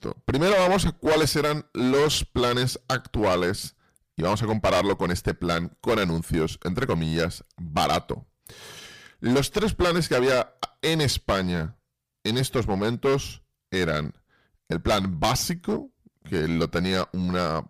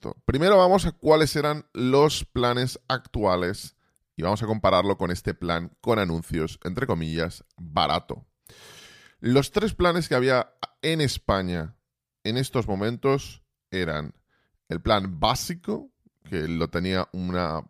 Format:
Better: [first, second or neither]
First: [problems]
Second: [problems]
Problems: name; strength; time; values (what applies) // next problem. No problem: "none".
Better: second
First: distortion; heavy; 11% of the sound clipped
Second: none